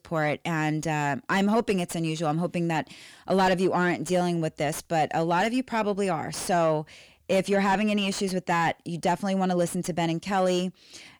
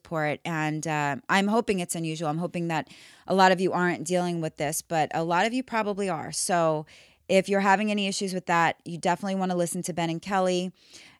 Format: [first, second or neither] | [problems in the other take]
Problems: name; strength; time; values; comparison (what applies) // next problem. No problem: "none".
second | distortion; slight; 10 dB below the speech